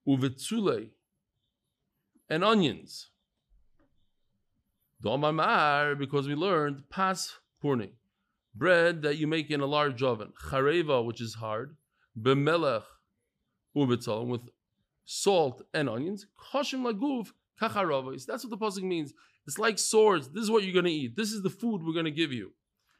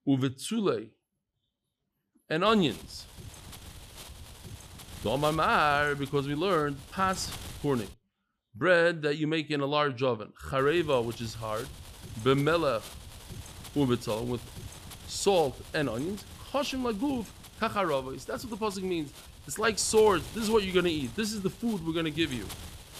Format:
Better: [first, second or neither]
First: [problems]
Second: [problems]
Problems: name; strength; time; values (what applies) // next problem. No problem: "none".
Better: first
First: none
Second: wind noise on the microphone; occasional gusts; from 2.5 to 8 s and from 11 s on; 20 dB below the speech